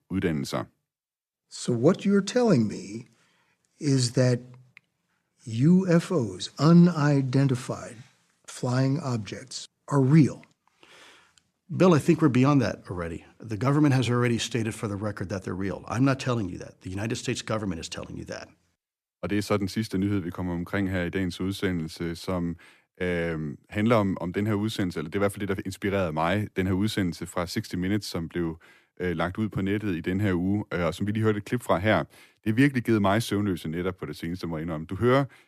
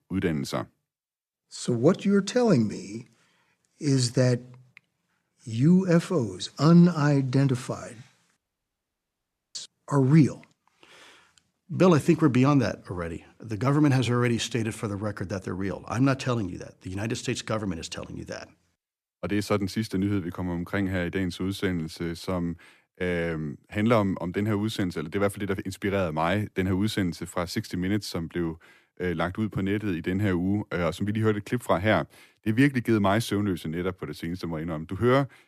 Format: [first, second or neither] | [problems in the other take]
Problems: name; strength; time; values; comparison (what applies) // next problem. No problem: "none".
first | audio cutting out; at 8.5 s for 1 s